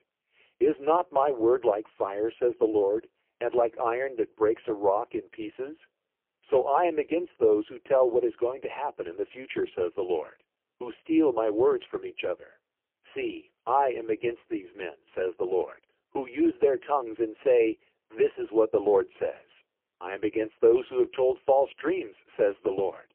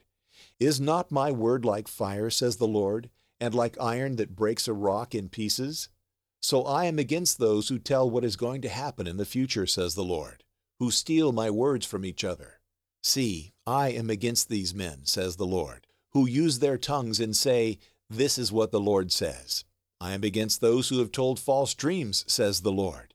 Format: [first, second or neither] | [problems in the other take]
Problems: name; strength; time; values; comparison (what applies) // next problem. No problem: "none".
second | phone-call audio; poor line